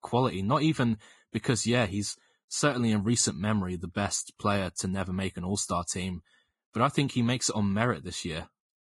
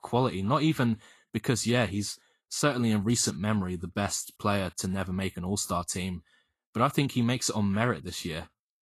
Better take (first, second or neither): second